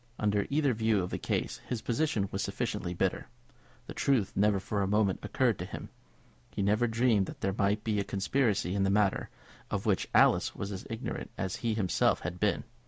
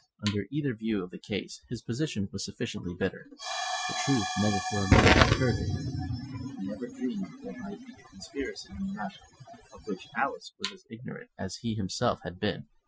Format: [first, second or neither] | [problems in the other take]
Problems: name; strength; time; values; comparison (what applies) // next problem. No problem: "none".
first | noise reduction (classical method Wiener filter)